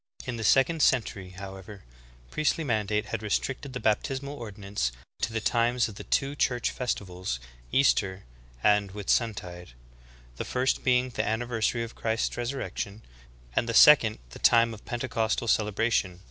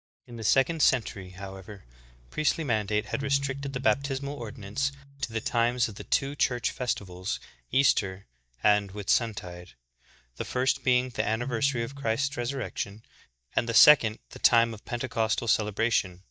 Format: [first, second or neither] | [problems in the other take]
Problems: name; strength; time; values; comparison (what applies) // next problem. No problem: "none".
first | noise reduction (neural mask model DeepFilterNet 3)